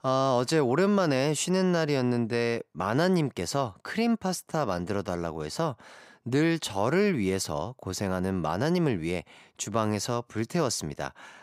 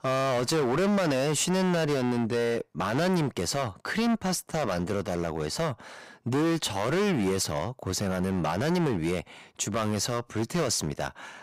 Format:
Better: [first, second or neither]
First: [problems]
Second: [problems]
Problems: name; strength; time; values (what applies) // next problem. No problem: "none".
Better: first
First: none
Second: distortion; heavy; 18% of the sound clipped